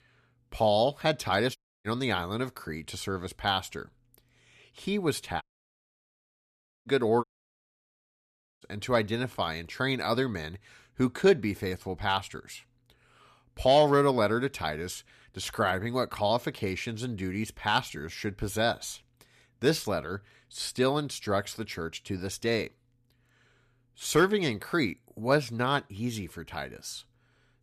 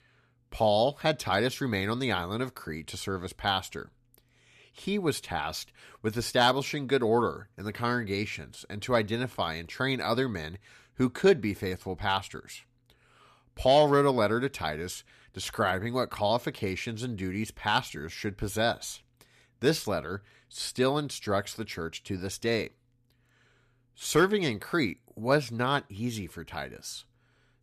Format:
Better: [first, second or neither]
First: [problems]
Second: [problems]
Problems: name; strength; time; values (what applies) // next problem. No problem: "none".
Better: second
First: audio cutting out; at 1.5 s, at 5.5 s for 1.5 s and at 7 s for 1.5 s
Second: none